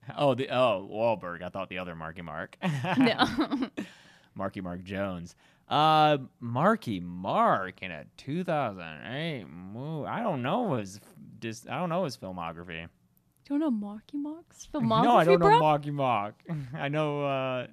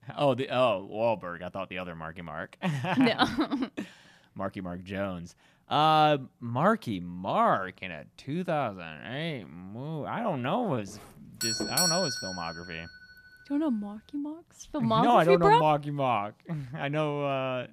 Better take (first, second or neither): first